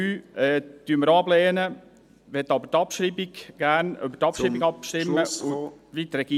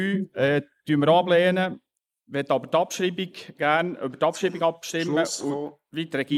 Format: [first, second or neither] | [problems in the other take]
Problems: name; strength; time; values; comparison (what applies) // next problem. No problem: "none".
first | noise reduction (neural mask model Resemble Enhance denoiser)